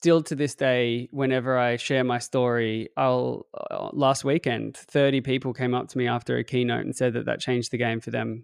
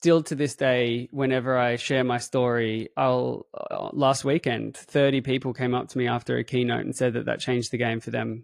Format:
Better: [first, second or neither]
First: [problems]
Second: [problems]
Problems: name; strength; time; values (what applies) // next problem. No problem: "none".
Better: first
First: none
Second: garbled, watery; slightly; nothing above 14 kHz